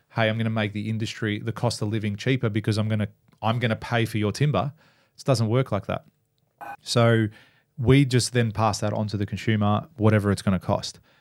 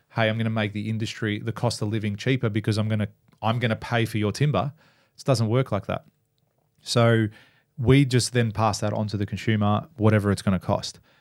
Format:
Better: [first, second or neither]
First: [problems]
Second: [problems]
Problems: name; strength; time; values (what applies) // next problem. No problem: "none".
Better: second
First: clattering dishes; faint; at 6.5 s; peak 15 dB below the speech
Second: none